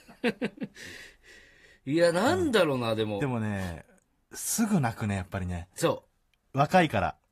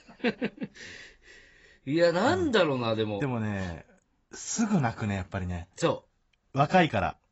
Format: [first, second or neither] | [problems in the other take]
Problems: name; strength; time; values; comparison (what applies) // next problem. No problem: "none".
first | garbled, watery; badly; nothing above 7.5 kHz; slightly in the first